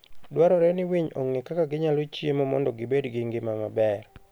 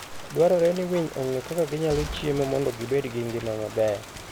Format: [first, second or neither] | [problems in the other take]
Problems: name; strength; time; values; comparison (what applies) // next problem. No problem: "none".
first | background sound (Rain + Gunshot, gunfire); 13 dB below the speech